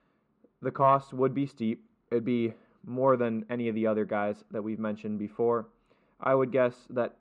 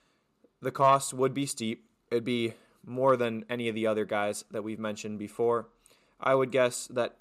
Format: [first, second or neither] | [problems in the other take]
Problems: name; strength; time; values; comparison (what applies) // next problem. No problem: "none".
second | muffled; very; fading above 2 kHz